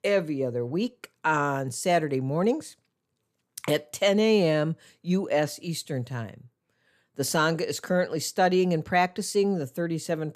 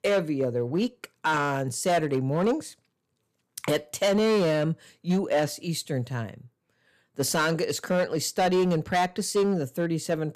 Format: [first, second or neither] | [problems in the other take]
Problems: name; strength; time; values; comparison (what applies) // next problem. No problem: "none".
first | distortion; slight; 7% of the sound clipped